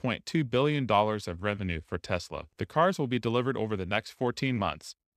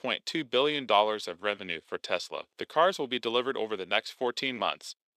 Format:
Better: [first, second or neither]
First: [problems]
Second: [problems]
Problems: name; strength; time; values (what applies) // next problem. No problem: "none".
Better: first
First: none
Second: thin; somewhat; fading below 400 Hz